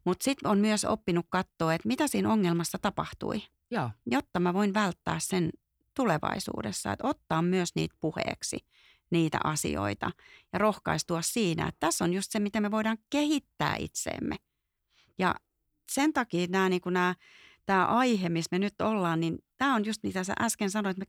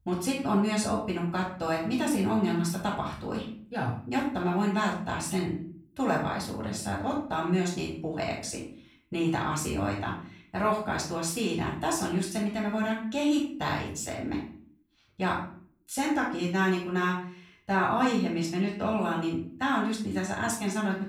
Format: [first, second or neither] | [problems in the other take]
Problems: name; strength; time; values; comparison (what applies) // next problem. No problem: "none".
first | room echo; noticeable; dies away in 0.4 s // off-mic speech; far